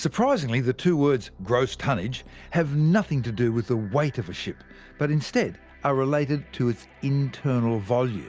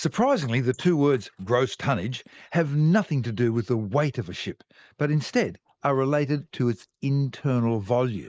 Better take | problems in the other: first | noise reduction (neural mask model Resemble Enhance denoiser)

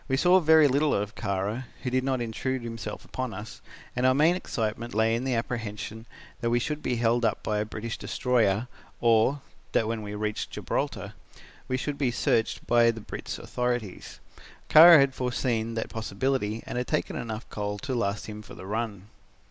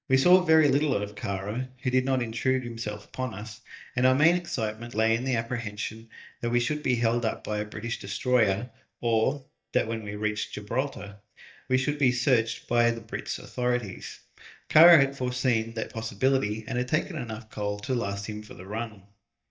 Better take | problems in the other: first | noise reduction (neural mask model DeepFilterNet 3)

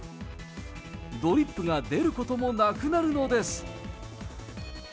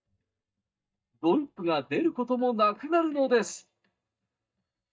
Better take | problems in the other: first | noise reduction (neural mask model DeepFilterNet 3)

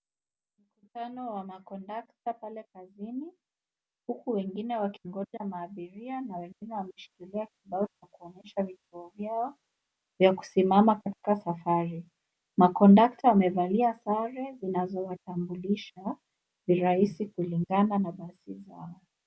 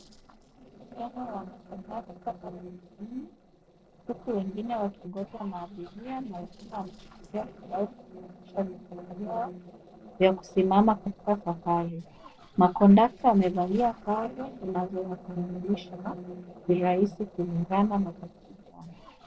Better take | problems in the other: first | noise reduction (neural separator model SepFormer DNS4)

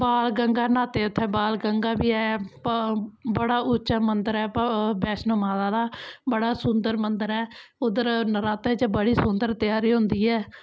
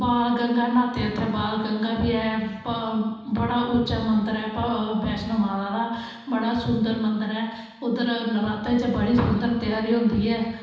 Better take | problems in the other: first | room echo; dies away in 1.1 s

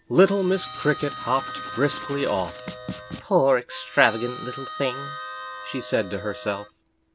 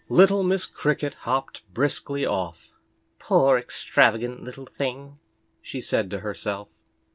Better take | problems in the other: second | background sound (Harmonica + Writing); 11 dB below the speech

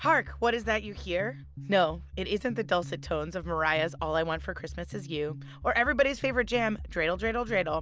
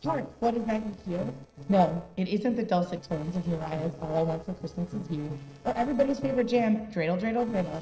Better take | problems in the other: first | noise reduction (neural separator model SepFormer DNS4)

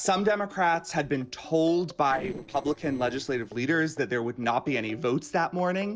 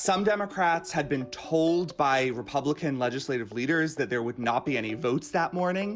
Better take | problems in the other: second | noise reduction (neural separator model SepFormer DNS4)

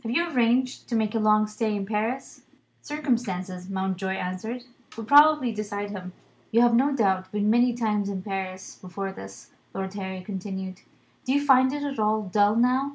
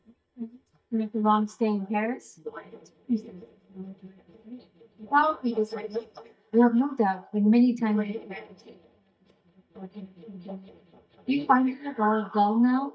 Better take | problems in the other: first | noise reduction (neural mask model DeepFilterNet 3)

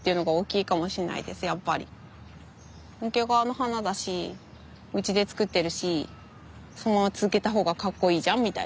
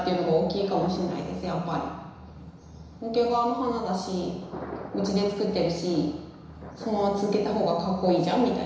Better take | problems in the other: first | background sound (Thunder); 18 dB below the speech // room echo; dies away in 1 s

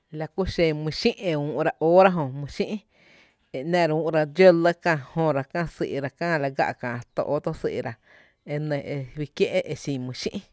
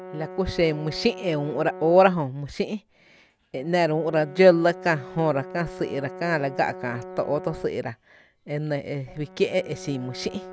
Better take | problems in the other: first | background sound (Brass instrument); 16 dB below the speech

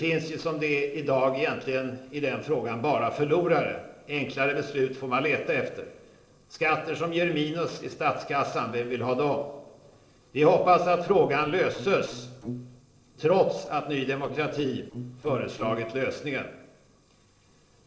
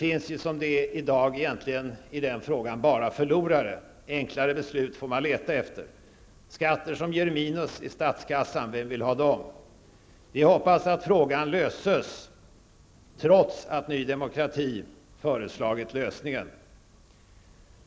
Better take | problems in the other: second | noise reduction (neural separator model SepFormer DNS4)

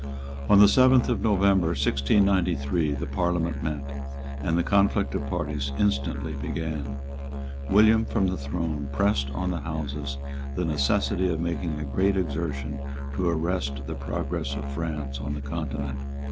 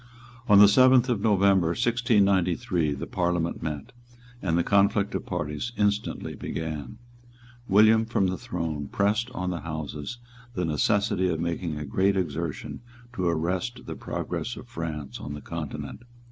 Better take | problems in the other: second | background sound (Musical instrument); 5 dB below the speech

